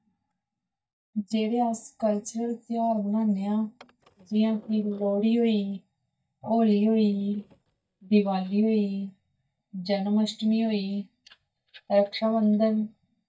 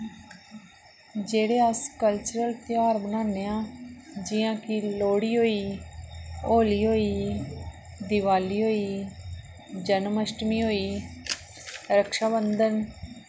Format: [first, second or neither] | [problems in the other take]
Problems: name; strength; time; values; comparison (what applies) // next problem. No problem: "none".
second | noise reduction (neural mask model DeepFilterNet 3)